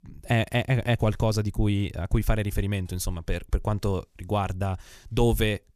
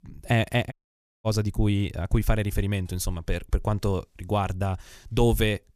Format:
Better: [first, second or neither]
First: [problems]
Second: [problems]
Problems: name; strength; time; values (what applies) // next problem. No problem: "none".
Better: first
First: none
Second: audio cutting out; at 0.5 s for 0.5 s